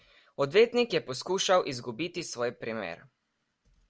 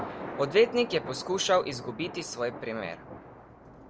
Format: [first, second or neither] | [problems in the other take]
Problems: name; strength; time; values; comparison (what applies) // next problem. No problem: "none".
first | background sound (Thunder); 12 dB below the speech